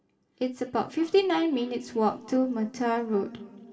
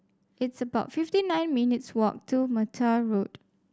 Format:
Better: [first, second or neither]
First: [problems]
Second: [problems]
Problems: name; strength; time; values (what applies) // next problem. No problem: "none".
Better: second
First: room echo; dies away in 2.4 s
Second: none